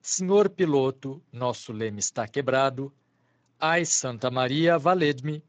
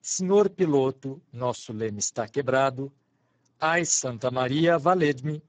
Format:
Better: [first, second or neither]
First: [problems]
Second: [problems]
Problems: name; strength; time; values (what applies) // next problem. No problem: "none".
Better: first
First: garbled, watery; slightly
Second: garbled, watery; badly